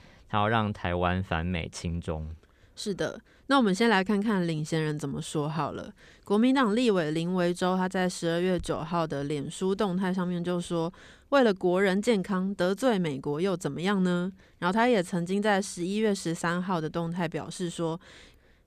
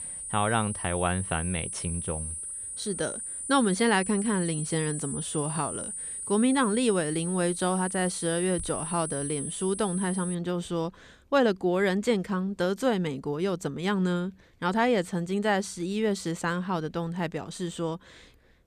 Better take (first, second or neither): first